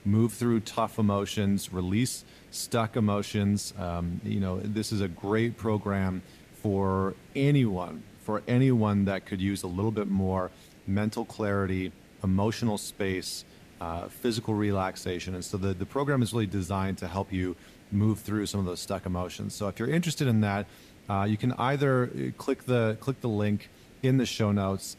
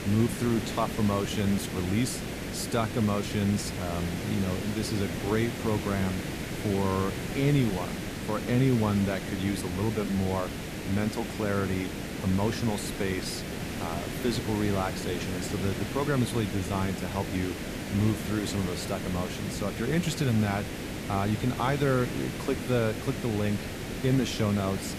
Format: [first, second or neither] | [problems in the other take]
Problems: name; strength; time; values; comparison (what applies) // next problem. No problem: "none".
first | hiss; loud; throughout; 5 dB below the speech; faint in the first